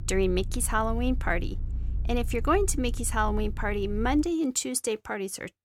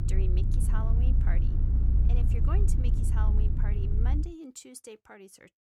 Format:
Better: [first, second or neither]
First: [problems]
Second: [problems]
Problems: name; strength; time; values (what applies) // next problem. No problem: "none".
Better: first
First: low rumble; faint; until 4 s; 25 dB below the speech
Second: low rumble; loud; until 4 s; as loud as the speech